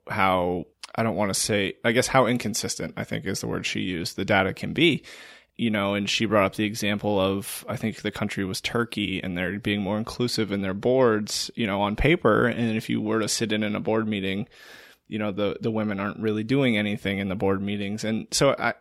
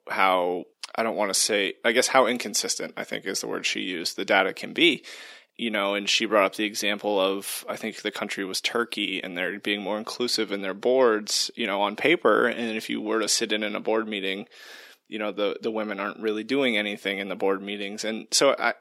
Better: first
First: none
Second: thin; very slightly; fading below 300 Hz

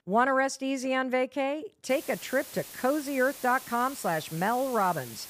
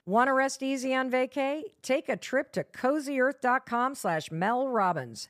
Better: second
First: hiss; noticeable; from 2 s on; 15 dB below the speech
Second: none

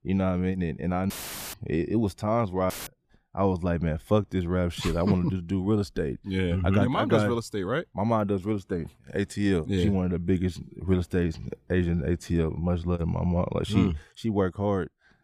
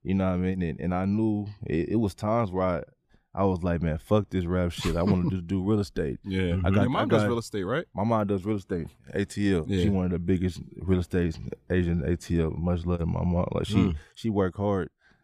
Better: second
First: audio cutting out; filled with static; at 1 s and at 2.5 s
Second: none

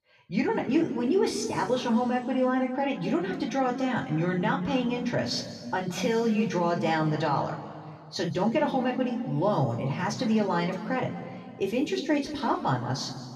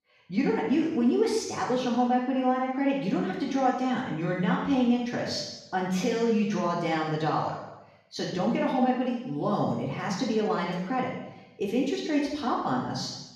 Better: first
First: room echo; slight; dies away in 2.1 s // off-mic speech; somewhat distant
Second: room echo; strong; dies away in 0.9 s // off-mic speech; far

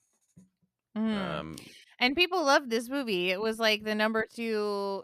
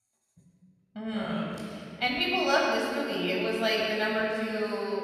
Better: first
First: none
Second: off-mic speech; far // room echo; strong; dies away in 2.3 s

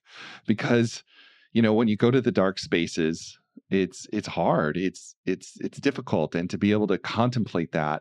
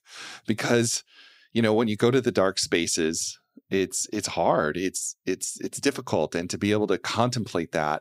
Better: second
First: muffled; slightly; fading above 3.5 kHz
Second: none

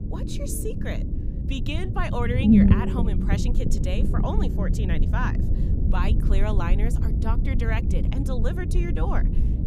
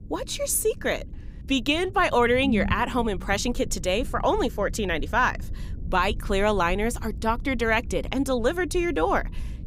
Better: second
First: low rumble; loud; throughout; 1 dB below the speech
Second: low rumble; faint; throughout; 20 dB below the speech

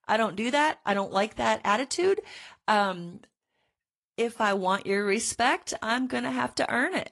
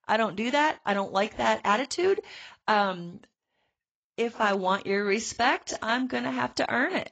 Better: first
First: garbled, watery; slightly; nothing above 11 kHz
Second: garbled, watery; badly; nothing above 7.5 kHz

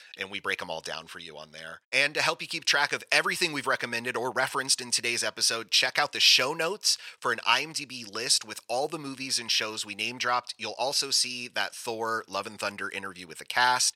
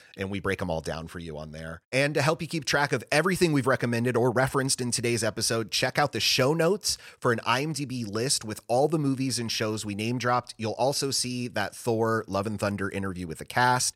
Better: second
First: thin; somewhat; fading below 750 Hz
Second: none

